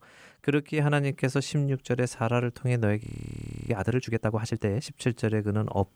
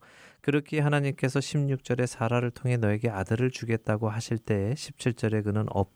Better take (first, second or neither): second